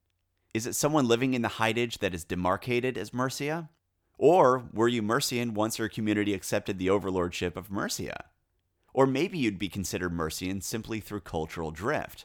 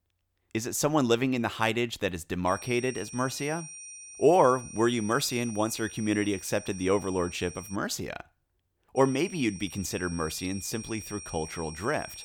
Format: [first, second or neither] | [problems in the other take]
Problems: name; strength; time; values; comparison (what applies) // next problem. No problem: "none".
first | high-pitched whine; noticeable; from 2.5 to 8 s and from 9 s on; 5.5 kHz, 15 dB below the speech